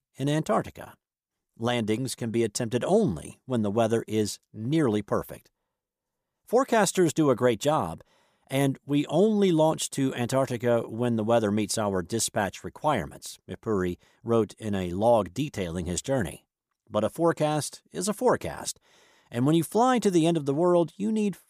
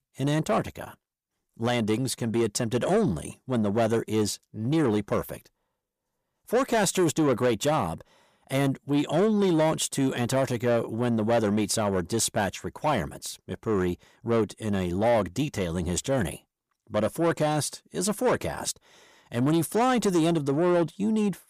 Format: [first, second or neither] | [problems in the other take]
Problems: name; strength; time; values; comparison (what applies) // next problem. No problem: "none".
first | distortion; slight; 10 dB below the speech